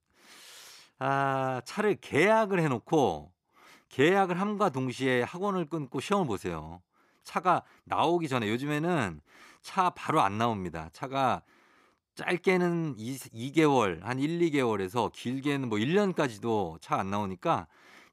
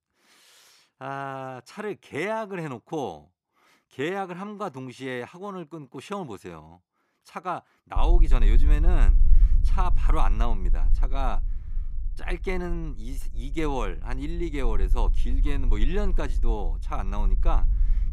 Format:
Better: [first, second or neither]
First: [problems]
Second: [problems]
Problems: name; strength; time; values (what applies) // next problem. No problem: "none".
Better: first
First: none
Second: low rumble; noticeable; from 8 s on; 20 dB below the speech